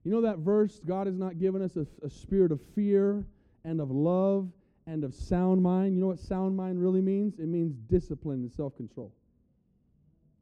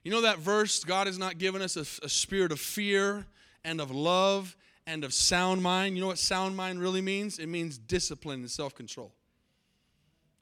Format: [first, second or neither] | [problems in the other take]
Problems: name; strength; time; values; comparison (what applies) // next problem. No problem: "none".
second | muffled; very; fading above 1 kHz